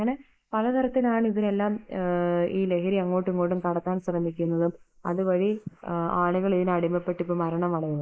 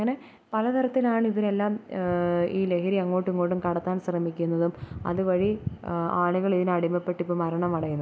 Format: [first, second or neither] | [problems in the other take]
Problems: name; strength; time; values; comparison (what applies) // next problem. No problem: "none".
second | noise reduction (neural mask model Resemble Enhance denoiser)